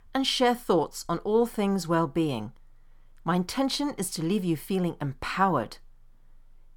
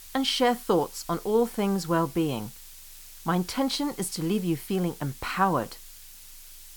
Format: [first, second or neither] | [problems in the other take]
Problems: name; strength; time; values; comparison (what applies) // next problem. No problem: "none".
first | hiss; noticeable; throughout; 15 dB below the speech